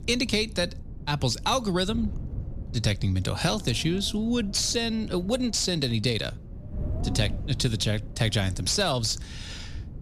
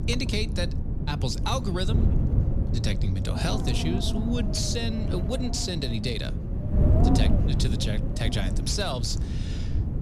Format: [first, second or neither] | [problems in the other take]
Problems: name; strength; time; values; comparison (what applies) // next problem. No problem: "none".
first | wind noise on the microphone; heavy; 5 dB below the speech; occasional gusts in the first